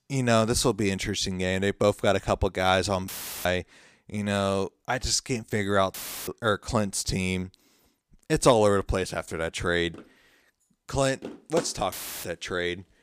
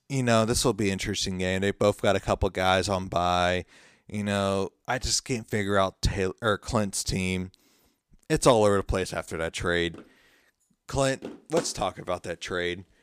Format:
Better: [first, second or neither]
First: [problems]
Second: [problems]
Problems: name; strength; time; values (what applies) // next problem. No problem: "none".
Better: second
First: audio cutting out; filled with static; at 3 s, at 6 s and at 12 s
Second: none